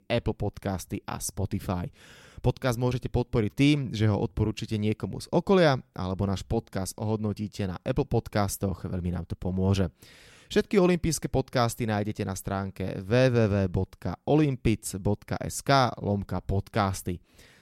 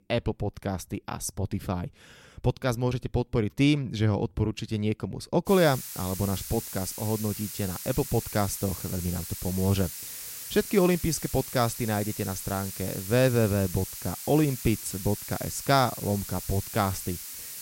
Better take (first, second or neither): first